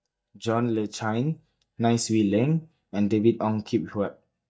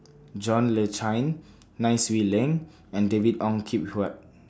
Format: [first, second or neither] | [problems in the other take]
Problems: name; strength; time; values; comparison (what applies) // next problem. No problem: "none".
second | noise reduction (neural mask model DeepFilterNet 3)